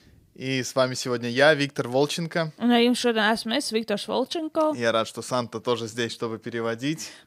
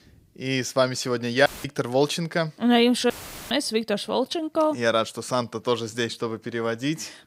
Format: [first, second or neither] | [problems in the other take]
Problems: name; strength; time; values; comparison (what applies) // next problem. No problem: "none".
first | audio cutting out; filled with static; at 1.5 s and at 3 s